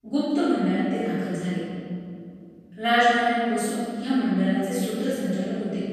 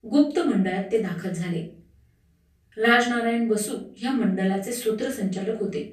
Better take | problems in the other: second | room echo; strong; dies away in 2.1 s; slight in the second // off-mic speech; far; far in the second

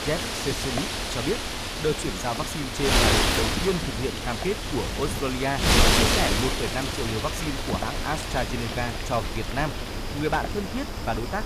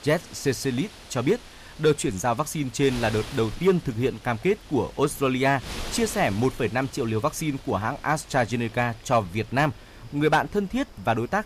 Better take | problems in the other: second | wind noise on the microphone; heavy; 4 dB above the speech; occasional gusts in the second

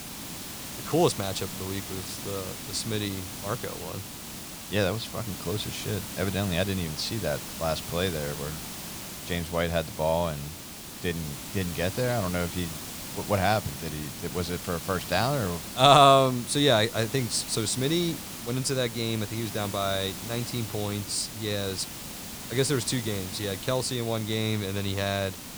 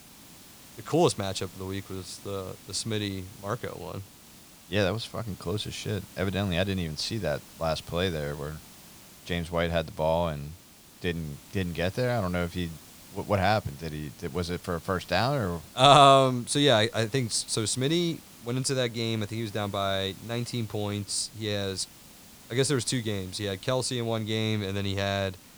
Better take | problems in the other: second | hiss; loud; throughout; 9 dB below the speech; faint in the second

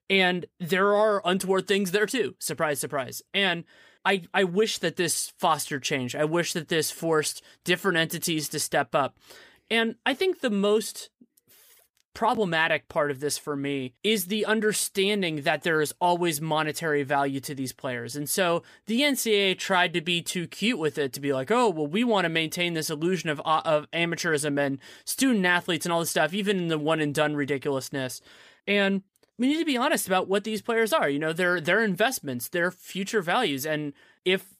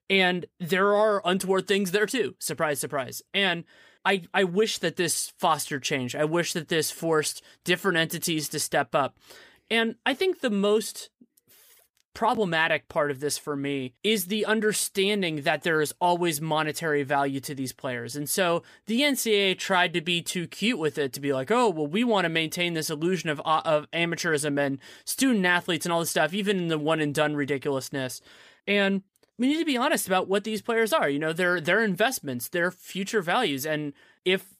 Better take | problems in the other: neither | none

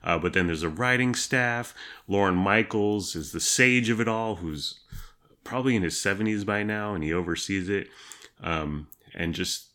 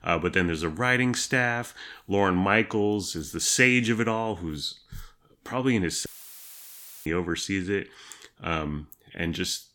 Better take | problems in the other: first | audio cutting out; filled with static; at 6 s for 1 s

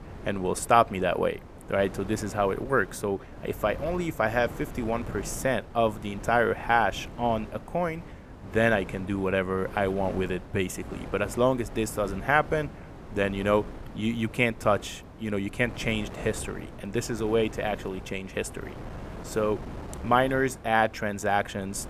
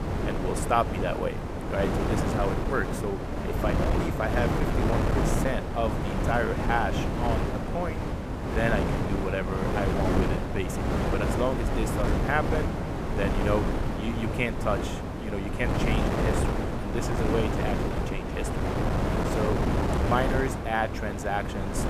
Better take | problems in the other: first | wind noise on the microphone; heavy; 1 dB below the speech; occasional gusts in the first

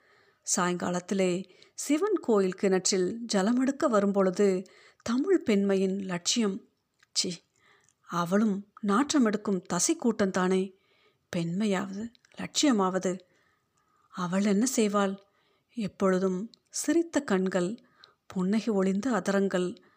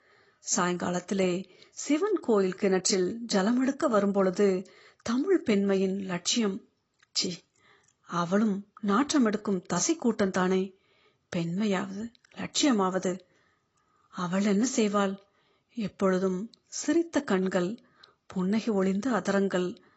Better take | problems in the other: first | garbled, watery; badly; nothing above 8 kHz

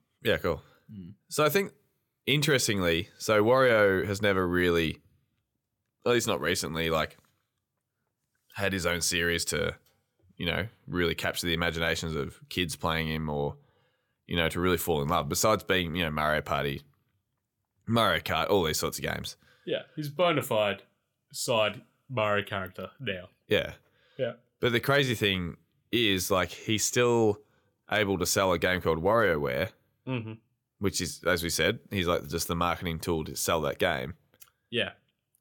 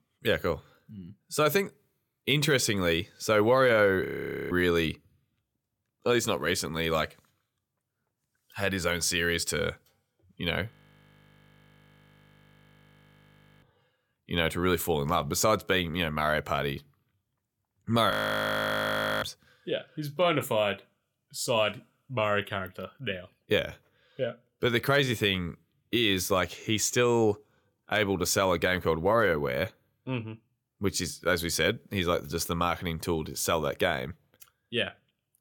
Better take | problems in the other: first | audio freezing; at 4 s, at 11 s for 3 s and at 18 s for 1 s

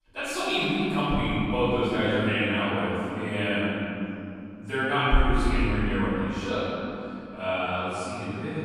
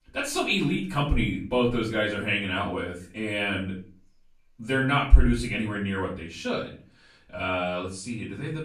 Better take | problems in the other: second | room echo; strong; dies away in 3 s; slight in the second // off-mic speech; far; far in the second

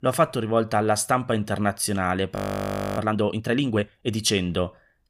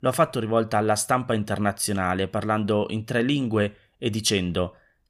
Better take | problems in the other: second | audio freezing; at 2.5 s for 0.5 s

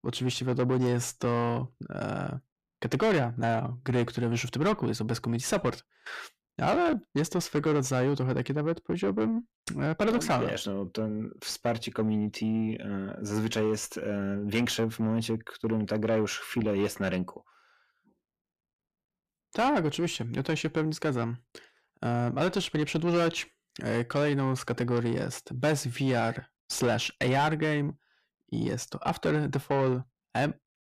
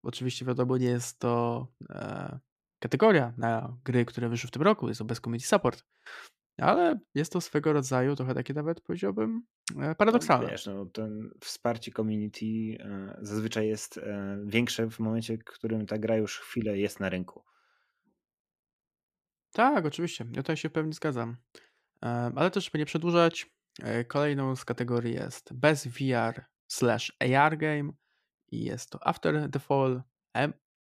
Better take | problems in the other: second | distortion; heavy; 7 dB below the speech

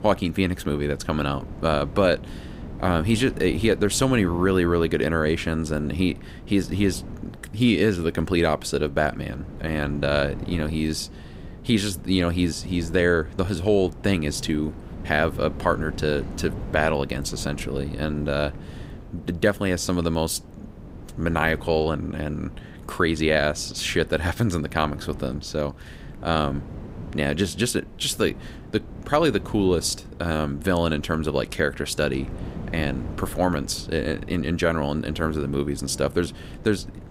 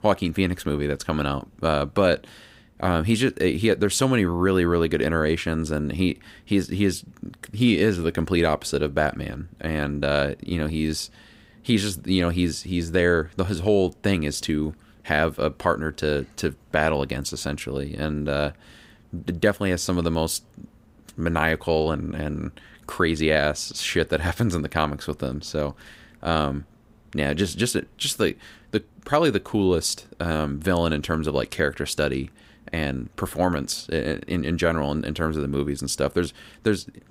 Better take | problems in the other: second | wind noise on the microphone; occasional gusts; 20 dB below the speech

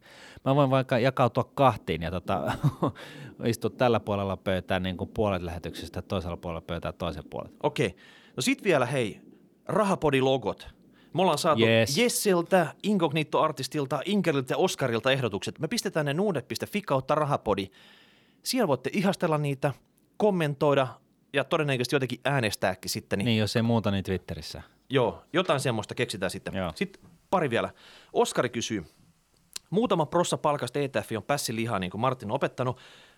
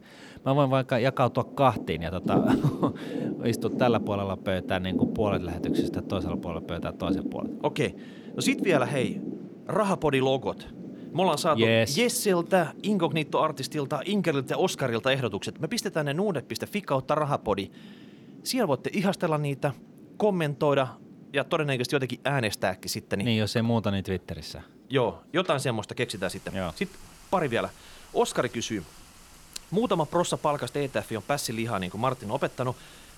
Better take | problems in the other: first | rain or running water; loud; throughout; 7 dB below the speech; faint in the first

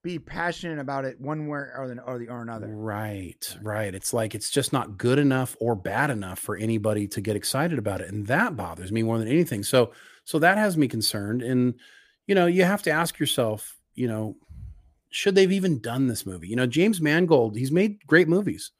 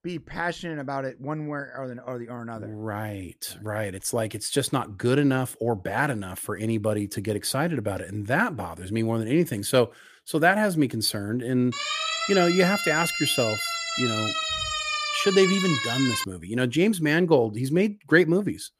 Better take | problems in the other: first | siren; noticeable; from 12 to 16 s; peak level with the speech

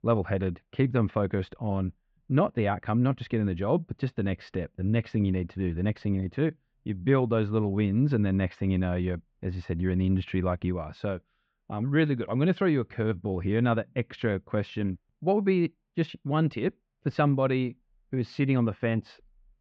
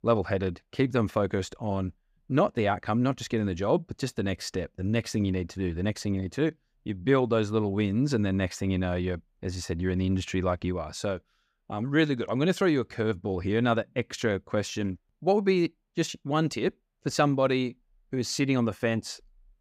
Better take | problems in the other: second | muffled; very; fading above 3 kHz

